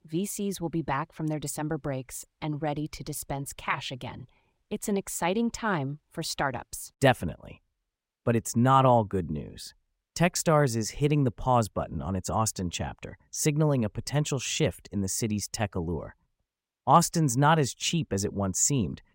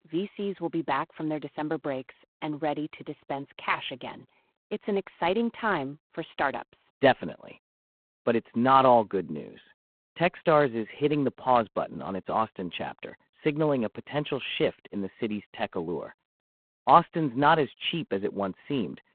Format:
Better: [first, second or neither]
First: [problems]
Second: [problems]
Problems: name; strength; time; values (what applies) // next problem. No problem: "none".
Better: first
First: none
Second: phone-call audio; poor line